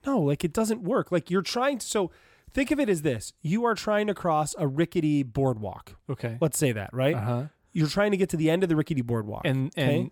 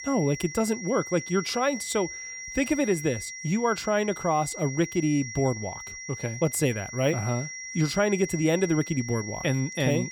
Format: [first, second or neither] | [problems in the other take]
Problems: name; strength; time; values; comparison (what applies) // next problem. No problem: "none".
first | high-pitched whine; loud; throughout; 2 kHz, 9 dB below the speech